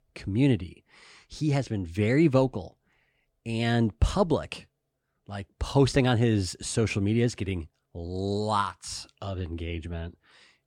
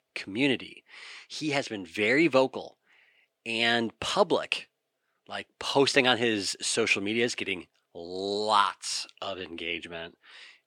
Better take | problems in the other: first | thin; somewhat; fading below 350 Hz

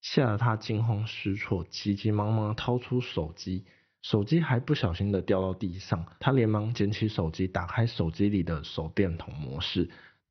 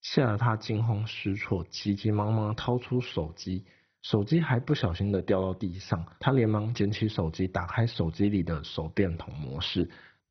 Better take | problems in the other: first | garbled, watery; badly; nothing above 6 kHz; slightly in the first

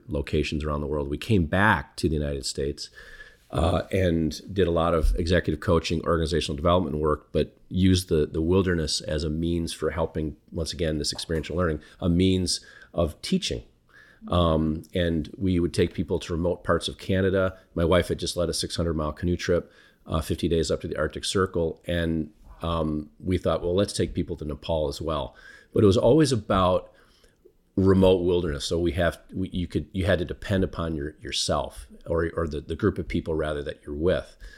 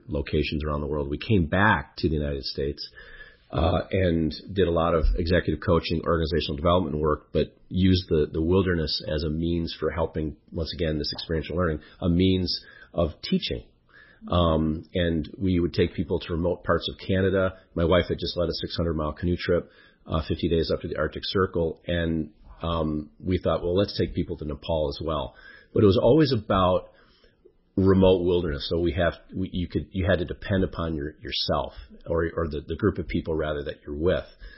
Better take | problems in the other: first | garbled, watery; badly; nothing above 5.5 kHz

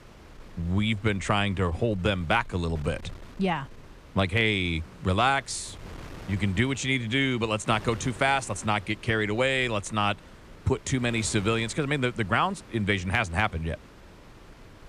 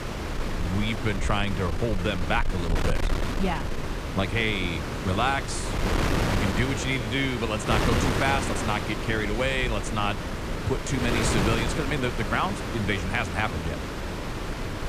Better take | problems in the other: first | wind noise on the microphone; heavy; 3 dB below the speech; occasional gusts in the first

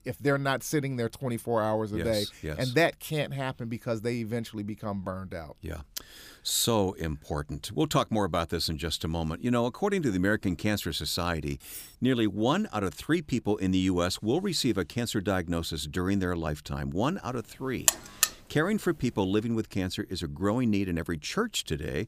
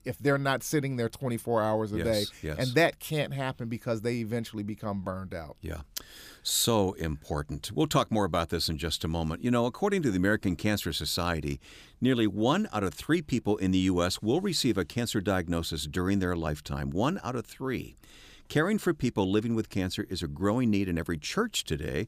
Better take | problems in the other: second | clattering dishes; faint; at 12 s; peak 15 dB below the speech // alarm; loud; at 18 s; peak 6 dB above the speech

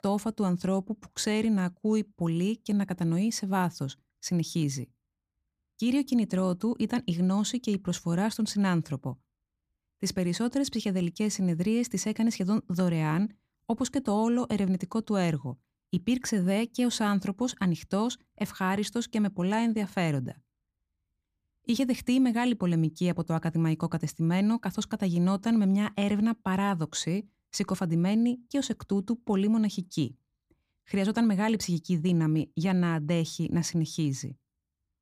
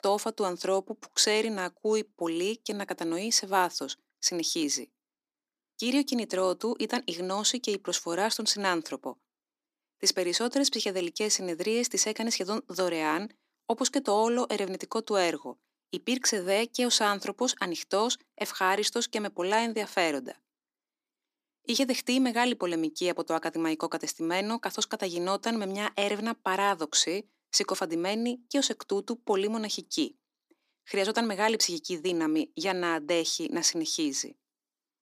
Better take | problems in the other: first | thin; somewhat; fading below 300 Hz

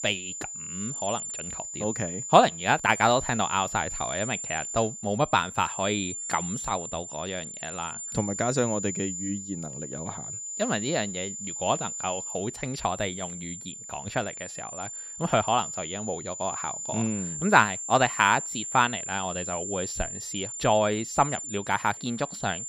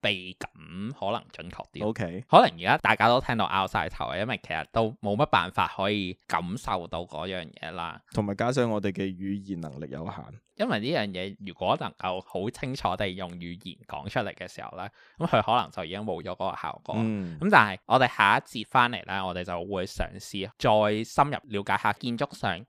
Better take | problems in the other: second | high-pitched whine; loud; throughout; 7.5 kHz, 6 dB below the speech

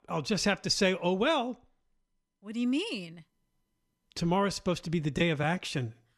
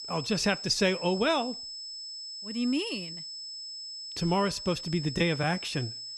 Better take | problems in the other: first | high-pitched whine; loud; throughout; 5 kHz, 8 dB below the speech

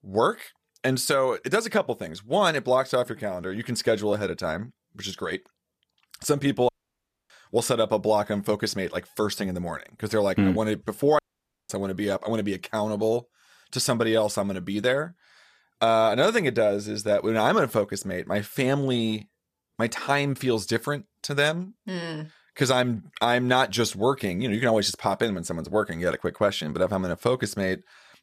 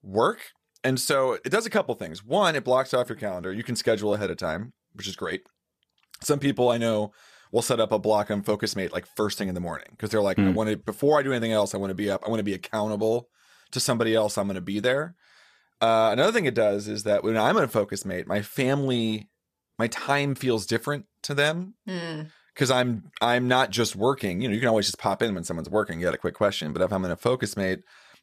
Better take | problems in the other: second | audio cutting out; at 6.5 s for 0.5 s and at 11 s for 0.5 s

